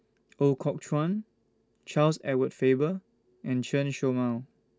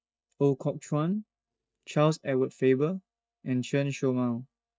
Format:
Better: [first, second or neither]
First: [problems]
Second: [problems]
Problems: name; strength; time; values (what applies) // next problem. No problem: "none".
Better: first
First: none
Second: noise reduction (neural mask model DeepFilterNet 3)